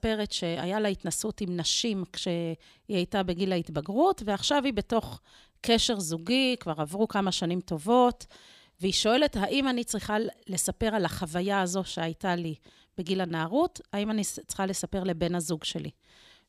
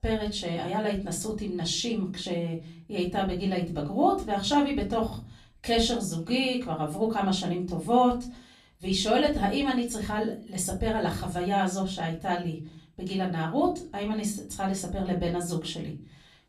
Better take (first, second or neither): first